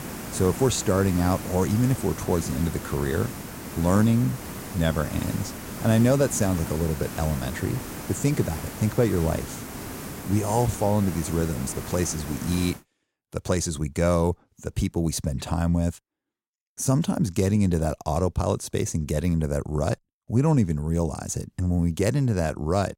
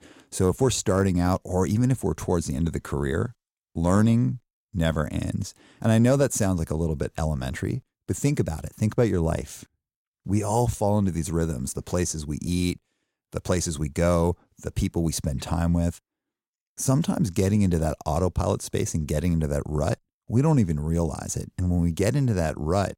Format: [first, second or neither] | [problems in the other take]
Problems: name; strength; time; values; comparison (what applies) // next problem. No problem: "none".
second | hiss; noticeable; until 13 s; 10 dB below the speech